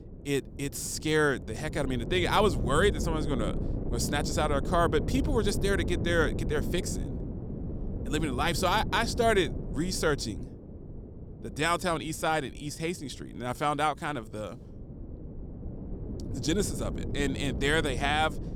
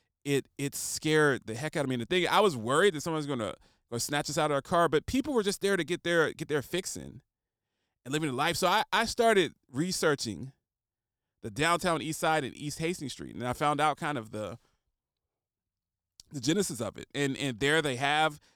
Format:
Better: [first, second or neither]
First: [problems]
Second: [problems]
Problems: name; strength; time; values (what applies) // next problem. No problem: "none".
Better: second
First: wind noise on the microphone; occasional gusts; 15 dB below the speech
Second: none